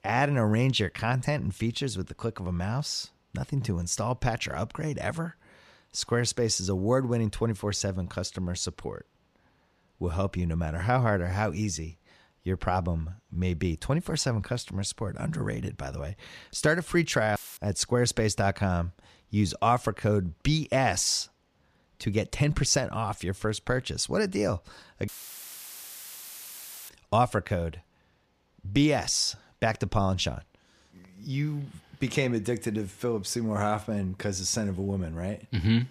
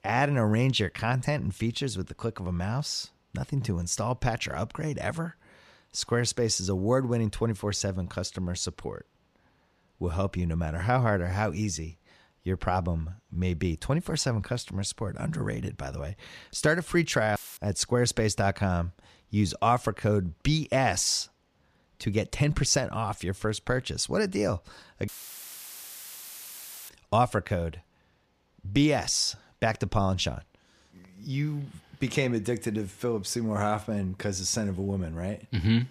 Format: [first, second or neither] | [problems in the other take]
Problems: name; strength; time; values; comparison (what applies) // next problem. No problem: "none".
neither | audio cutting out; filled with static; at 17 s and at 25 s for 2 s; the same in both